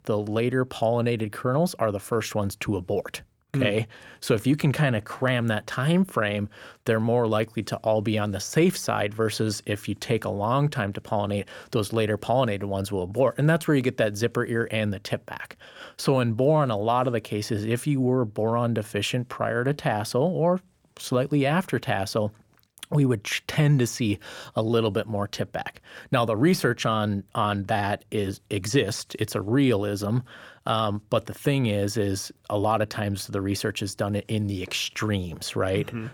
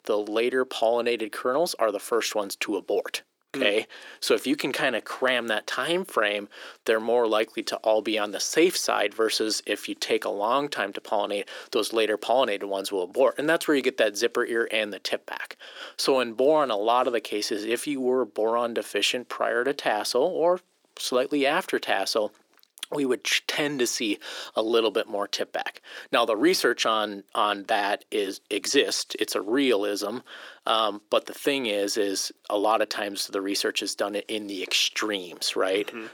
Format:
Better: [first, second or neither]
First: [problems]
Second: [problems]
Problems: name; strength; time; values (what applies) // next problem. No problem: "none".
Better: first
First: none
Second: thin; somewhat; fading below 300 Hz